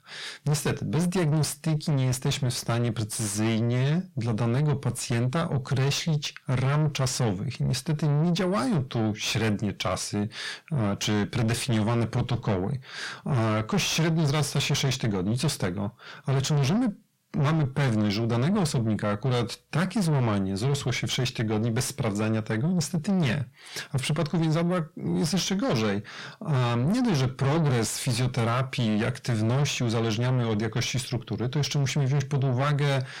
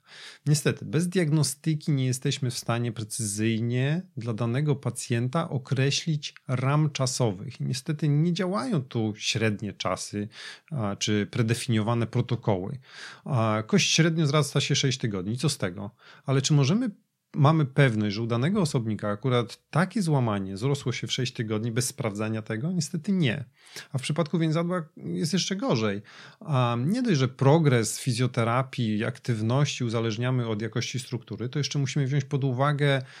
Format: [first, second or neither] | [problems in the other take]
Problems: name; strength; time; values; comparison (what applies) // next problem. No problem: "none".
second | distortion; heavy; 6 dB below the speech